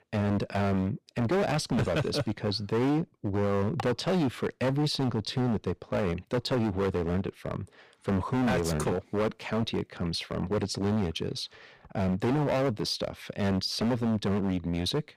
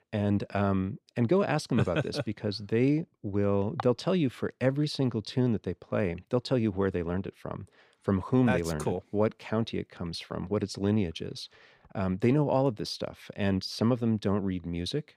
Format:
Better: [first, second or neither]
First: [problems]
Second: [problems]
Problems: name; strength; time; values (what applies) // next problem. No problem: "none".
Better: second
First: distortion; heavy; 17% of the sound clipped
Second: none